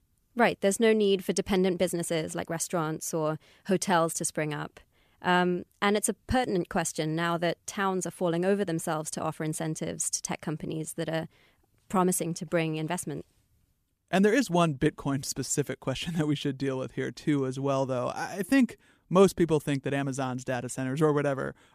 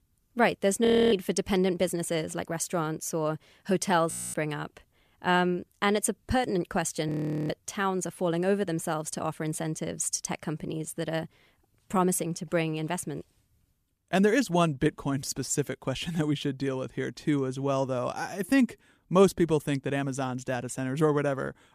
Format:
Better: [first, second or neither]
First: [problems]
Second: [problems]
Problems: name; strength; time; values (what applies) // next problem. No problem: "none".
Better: first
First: none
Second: audio freezing; at 1 s, at 4 s and at 7 s